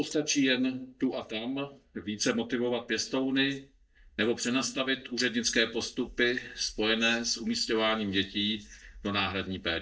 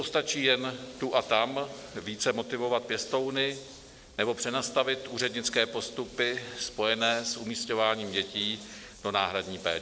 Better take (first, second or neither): second